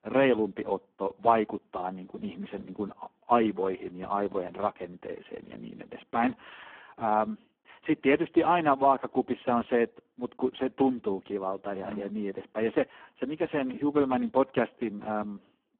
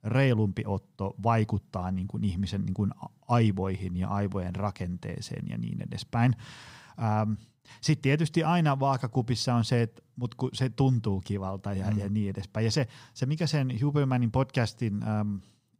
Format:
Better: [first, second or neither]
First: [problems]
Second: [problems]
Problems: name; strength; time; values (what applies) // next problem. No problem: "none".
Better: second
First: phone-call audio; poor line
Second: none